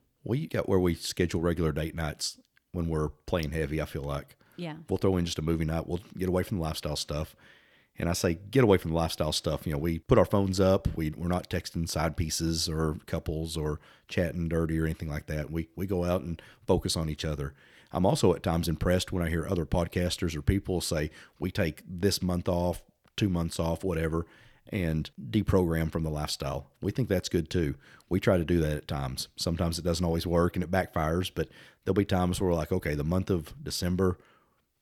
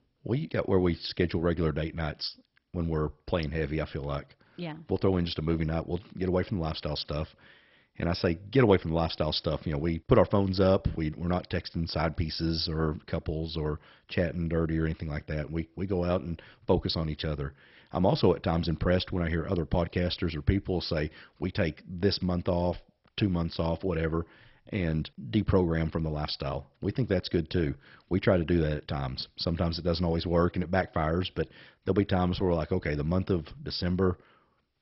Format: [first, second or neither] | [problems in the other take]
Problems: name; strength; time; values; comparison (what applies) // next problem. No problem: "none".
first | garbled, watery; badly; nothing above 5.5 kHz